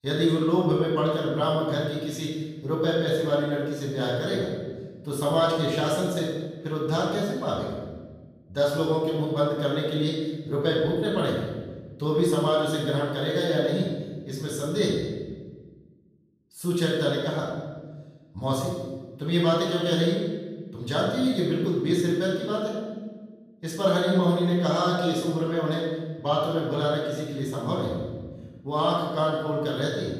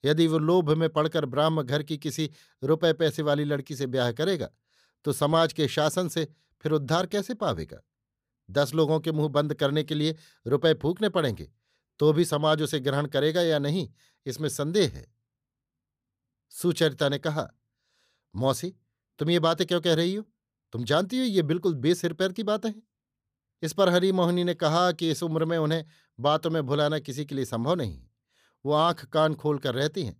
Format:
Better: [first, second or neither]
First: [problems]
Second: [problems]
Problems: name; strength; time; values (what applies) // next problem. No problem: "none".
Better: second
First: room echo; noticeable; dies away in 1.2 s // off-mic speech; far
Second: none